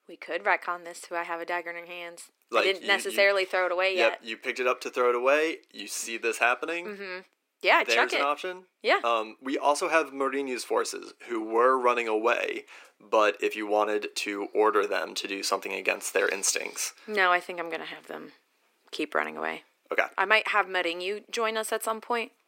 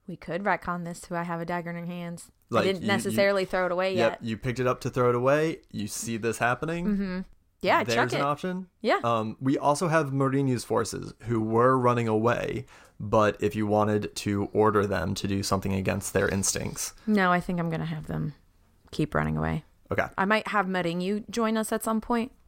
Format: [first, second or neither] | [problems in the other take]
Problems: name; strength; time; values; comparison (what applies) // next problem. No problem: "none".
second | thin; very; fading below 300 Hz